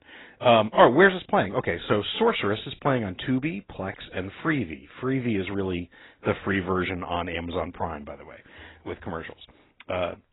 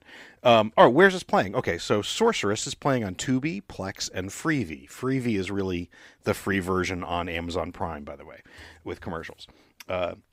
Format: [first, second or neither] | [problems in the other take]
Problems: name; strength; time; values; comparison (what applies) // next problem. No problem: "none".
second | garbled, watery; badly; nothing above 4 kHz